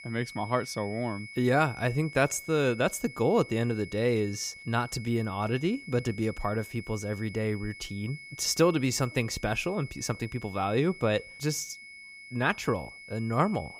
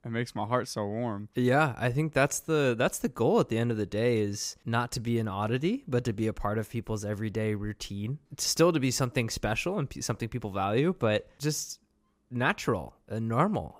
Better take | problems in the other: second | high-pitched whine; noticeable; throughout; 2 kHz, 15 dB below the speech

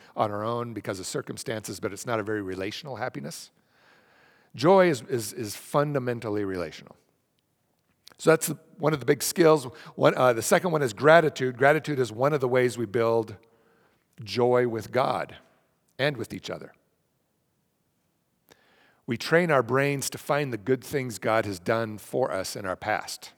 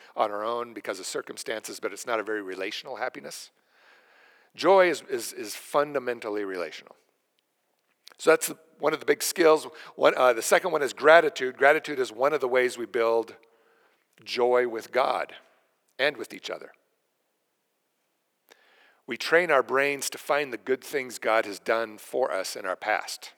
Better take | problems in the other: first | thin; somewhat; fading below 400 Hz

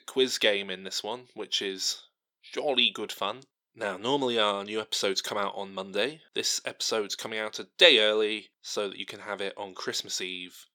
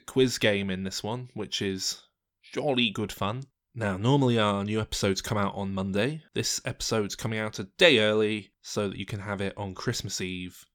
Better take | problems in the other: second | thin; somewhat; fading below 400 Hz

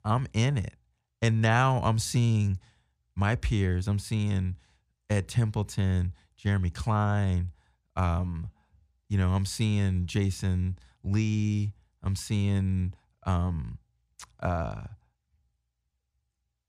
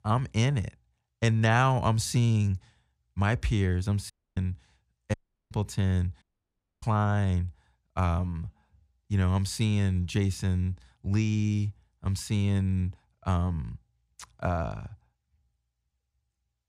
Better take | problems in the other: first | audio cutting out; at 4 s, at 5 s and at 6 s for 0.5 s

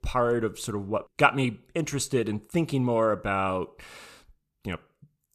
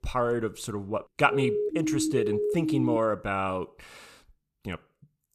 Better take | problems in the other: first | siren; loud; from 1.5 to 3 s; peak 1 dB above the speech

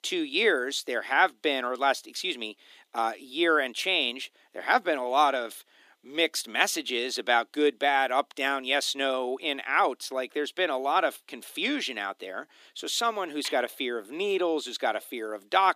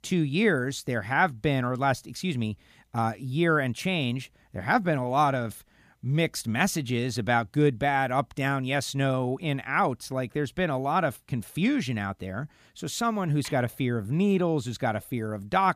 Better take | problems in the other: second | thin; somewhat; fading below 300 Hz

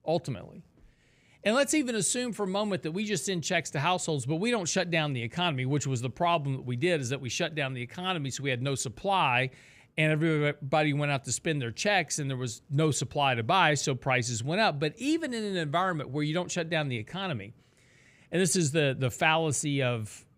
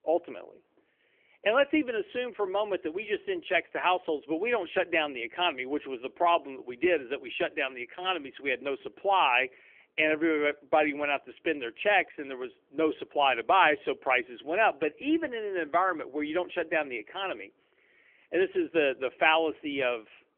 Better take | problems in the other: first | phone-call audio; nothing above 3 kHz

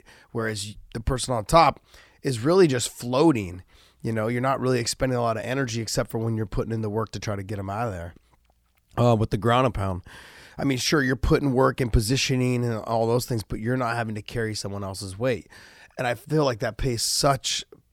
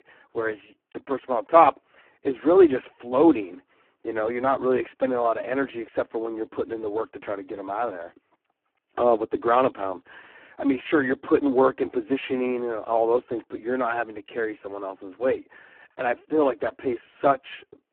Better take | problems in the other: first | phone-call audio; poor line

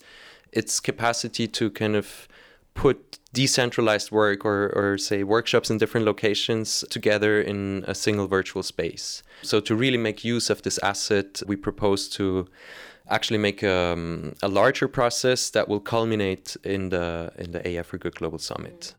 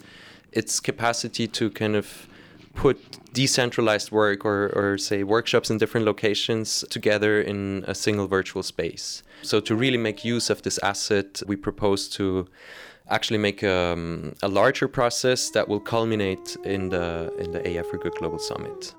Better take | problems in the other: first | animal sounds; noticeable; throughout; 15 dB below the speech

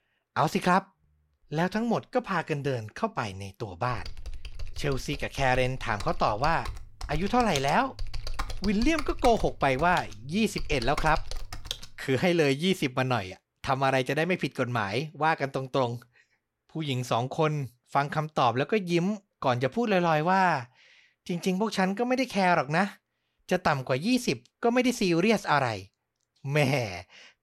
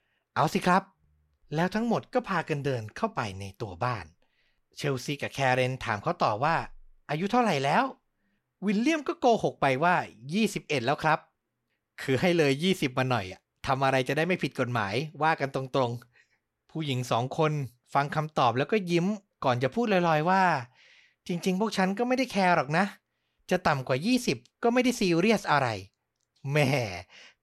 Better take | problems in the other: second | keyboard typing; noticeable; from 4 to 12 s; peak 8 dB below the speech

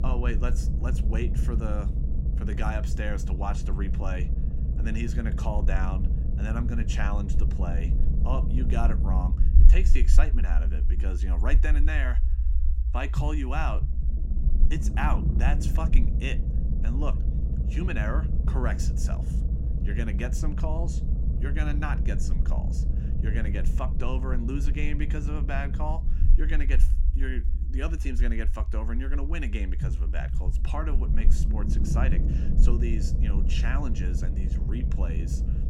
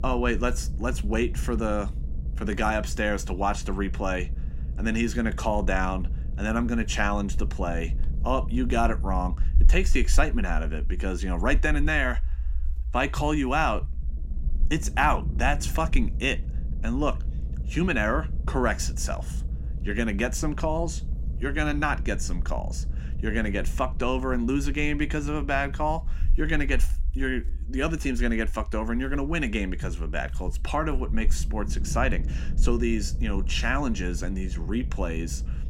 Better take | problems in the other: second | low rumble; loud; throughout; 7 dB below the speech; faint in the second

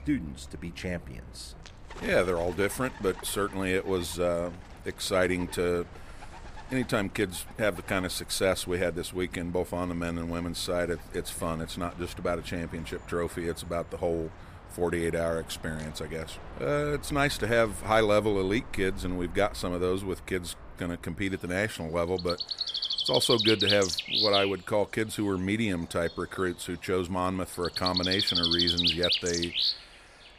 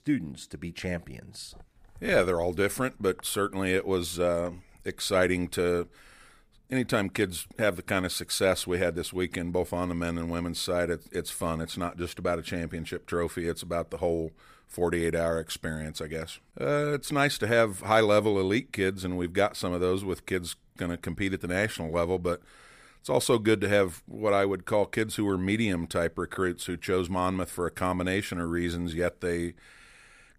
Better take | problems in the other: second | animal sounds; very loud; throughout; 1 dB above the speech

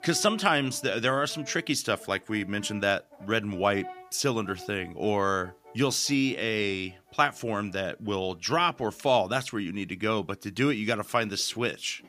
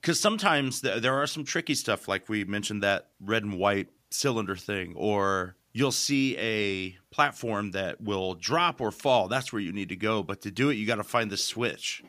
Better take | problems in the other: second | background music; faint; throughout; 20 dB below the speech

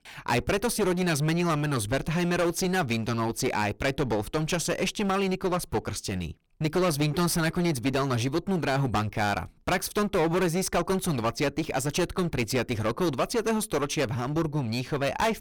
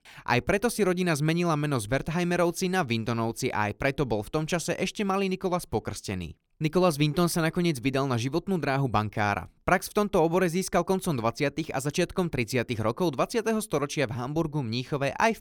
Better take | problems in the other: second | distortion; heavy; 17% of the sound clipped

